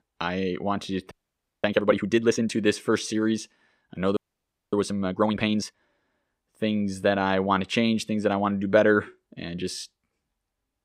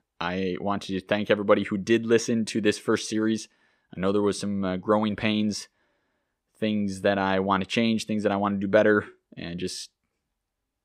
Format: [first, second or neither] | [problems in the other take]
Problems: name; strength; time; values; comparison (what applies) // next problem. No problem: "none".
second | audio freezing; at 1 s for 0.5 s and at 4 s for 0.5 s